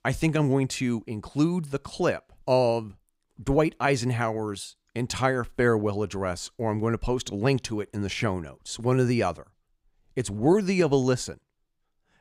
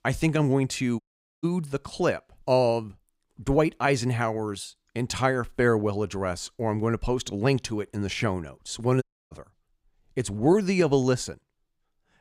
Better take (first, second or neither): first